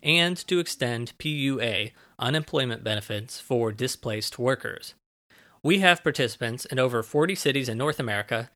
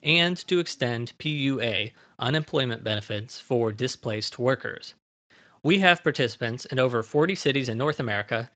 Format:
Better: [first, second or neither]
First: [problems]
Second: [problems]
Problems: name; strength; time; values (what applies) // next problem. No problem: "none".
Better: first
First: none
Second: garbled, watery; slightly; nothing above 7.5 kHz